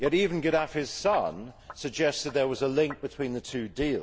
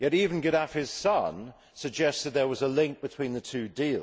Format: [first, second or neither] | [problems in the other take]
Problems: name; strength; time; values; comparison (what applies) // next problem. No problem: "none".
second | background sound (Sink (filling or washing)); 18 dB below the speech